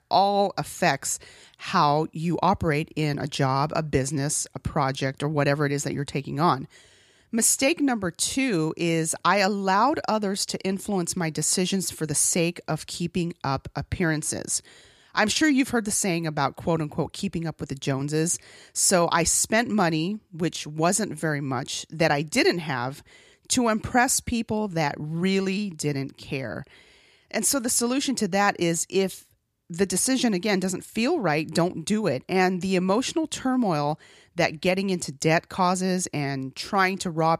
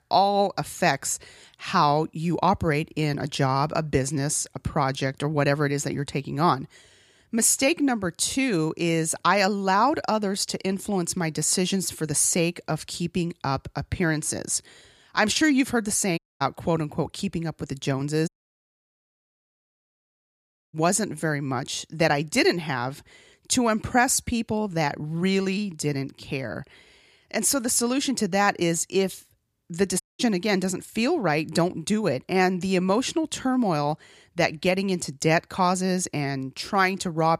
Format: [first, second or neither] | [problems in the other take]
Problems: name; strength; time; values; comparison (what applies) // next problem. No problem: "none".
first | audio cutting out; at 16 s, at 18 s for 2.5 s and at 30 s